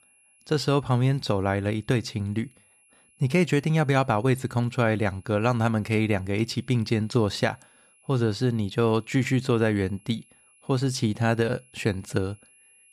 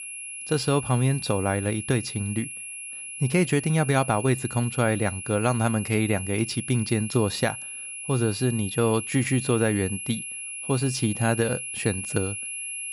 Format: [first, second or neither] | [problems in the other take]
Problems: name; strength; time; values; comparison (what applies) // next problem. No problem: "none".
first | high-pitched whine; loud; throughout; 11 kHz, 8 dB below the speech; faint in the first